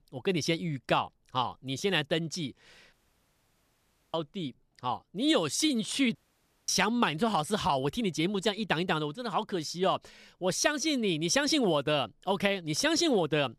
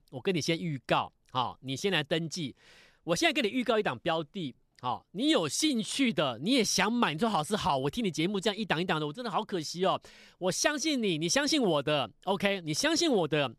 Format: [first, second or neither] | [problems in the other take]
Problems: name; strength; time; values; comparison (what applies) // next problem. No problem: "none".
second | audio cutting out; at 3 s for 1 s and at 6 s for 0.5 s